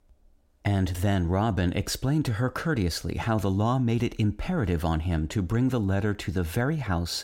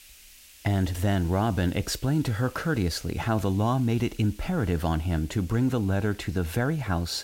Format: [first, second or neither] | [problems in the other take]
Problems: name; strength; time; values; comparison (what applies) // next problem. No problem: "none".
first | hiss; faint; throughout; 25 dB below the speech